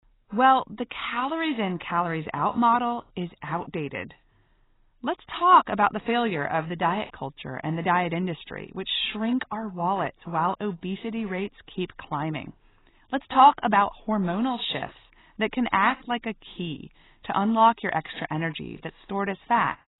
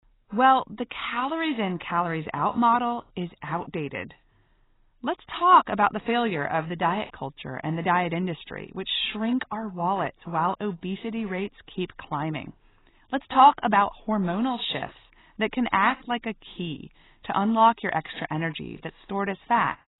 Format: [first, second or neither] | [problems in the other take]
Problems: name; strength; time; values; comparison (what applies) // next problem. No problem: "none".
neither | garbled, watery; badly; nothing above 4 kHz; the same in both